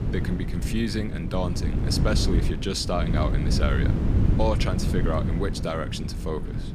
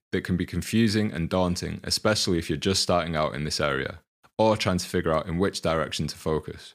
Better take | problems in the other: second | wind noise on the microphone; heavy; 6 dB below the speech

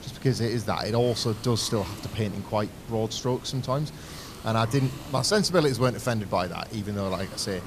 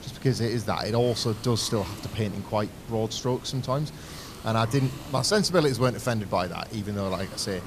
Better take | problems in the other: neither | hiss; noticeable; throughout; 15 dB below the speech; the same in both

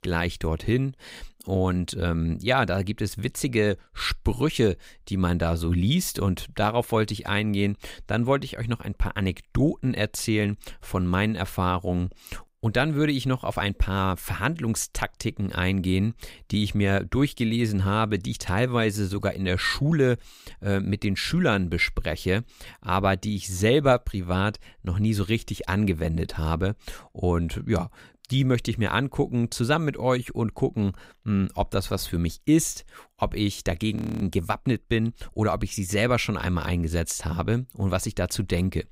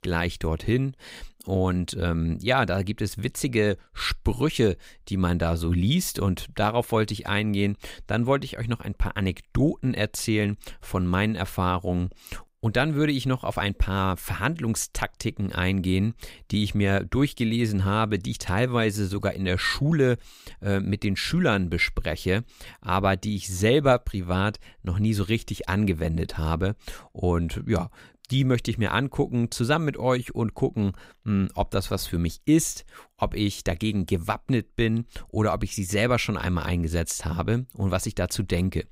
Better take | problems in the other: second | audio freezing; at 34 s

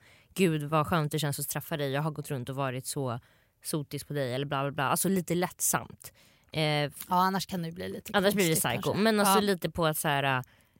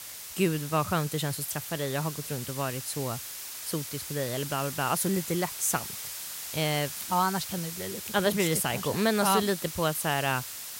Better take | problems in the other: first | hiss; loud; throughout; 7 dB below the speech

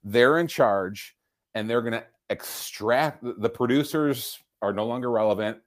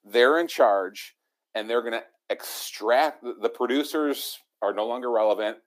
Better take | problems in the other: first | thin; very slightly; fading below 300 Hz

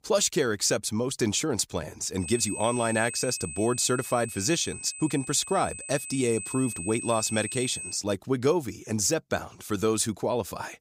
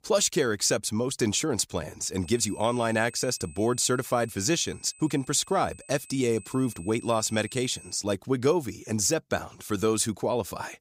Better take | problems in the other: second | high-pitched whine; loud; from 2 to 8 s; 8 kHz, 8 dB below the speech; faint in the second

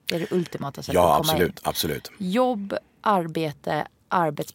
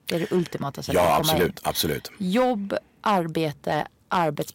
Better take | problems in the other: first | distortion; slight; 4% of the sound clipped

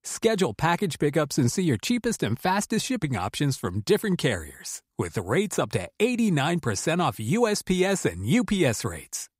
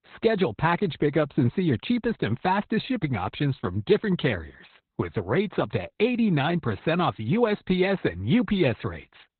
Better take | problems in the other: first | garbled, watery; badly; nothing above 4 kHz

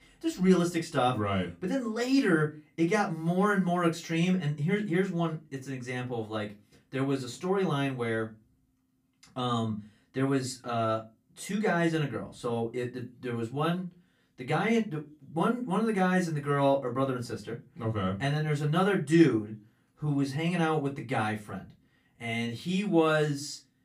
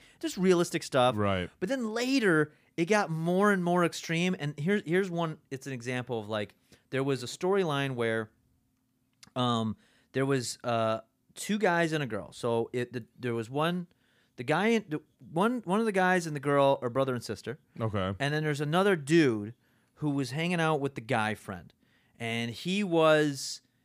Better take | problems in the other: second | off-mic speech; far // room echo; very slight; dies away in 0.2 s

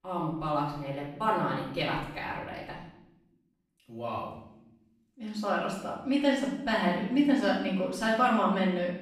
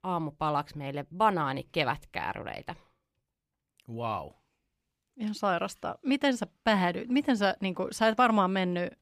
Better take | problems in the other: second | off-mic speech; far // room echo; noticeable; dies away in 0.7 s

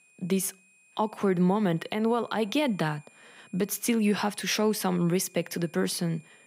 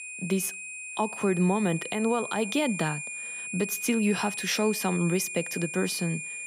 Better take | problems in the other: first | high-pitched whine; loud; throughout; 2.5 kHz, 7 dB below the speech; faint in the first

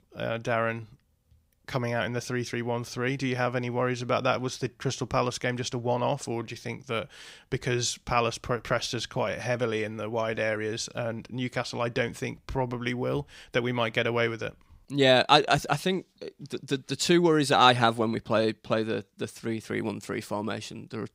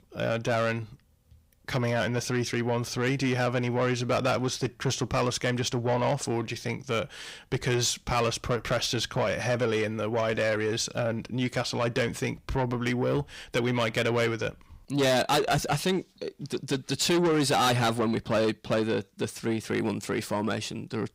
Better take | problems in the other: first | distortion; heavy; 7 dB below the speech

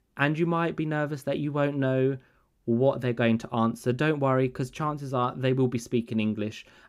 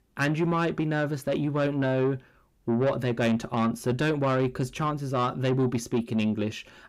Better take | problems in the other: first | distortion; slight; 10 dB below the speech

